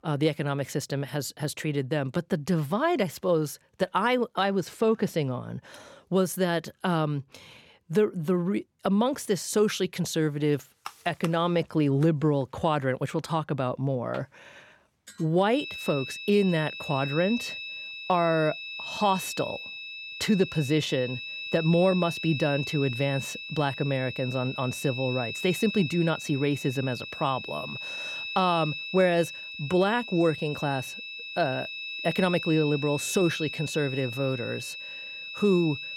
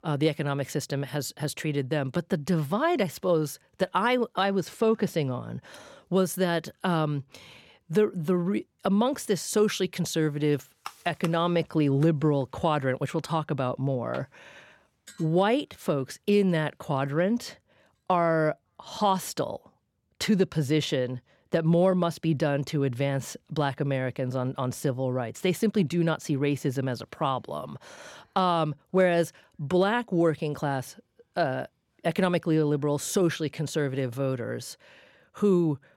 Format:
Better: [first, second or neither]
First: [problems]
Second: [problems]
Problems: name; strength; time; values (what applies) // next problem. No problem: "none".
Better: second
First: high-pitched whine; loud; from 16 s on; 2.5 kHz, 7 dB below the speech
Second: none